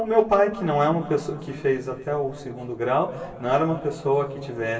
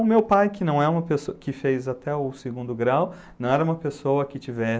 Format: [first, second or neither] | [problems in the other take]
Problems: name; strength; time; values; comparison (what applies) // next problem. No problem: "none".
second | room echo; dies away in 2.3 s